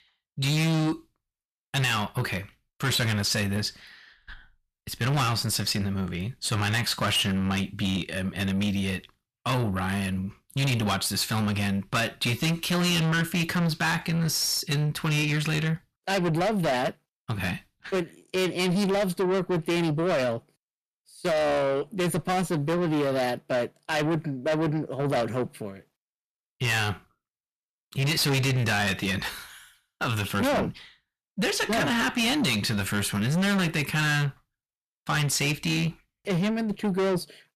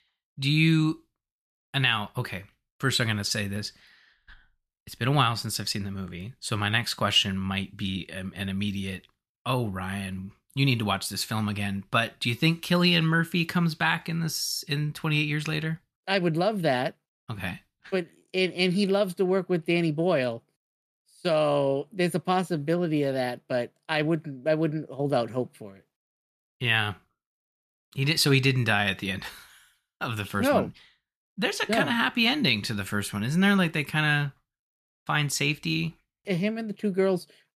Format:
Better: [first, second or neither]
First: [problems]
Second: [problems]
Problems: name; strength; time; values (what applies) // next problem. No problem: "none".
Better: second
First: distortion; heavy; 6 dB below the speech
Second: none